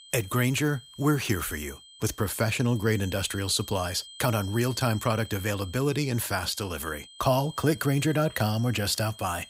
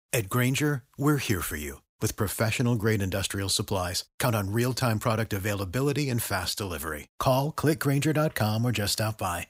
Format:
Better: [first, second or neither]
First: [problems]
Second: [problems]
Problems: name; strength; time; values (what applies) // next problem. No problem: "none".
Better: second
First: high-pitched whine; noticeable; throughout; 3 kHz, 20 dB below the speech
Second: none